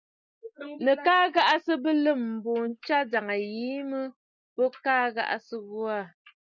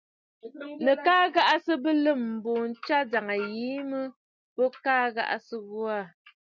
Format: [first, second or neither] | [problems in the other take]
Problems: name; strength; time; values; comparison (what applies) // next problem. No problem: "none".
second | noise reduction (neural mask model Resemble Enhance denoiser)